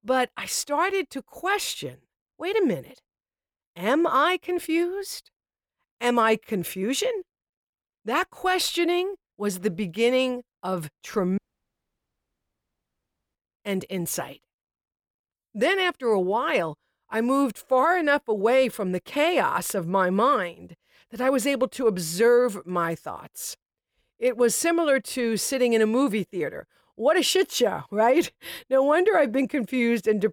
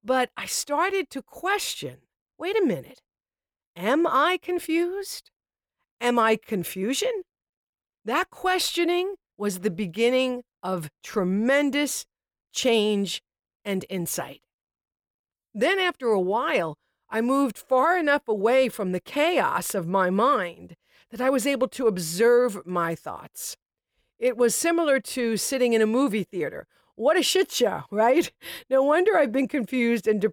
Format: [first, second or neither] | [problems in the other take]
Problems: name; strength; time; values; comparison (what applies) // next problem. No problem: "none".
second | audio cutting out; at 11 s for 2 s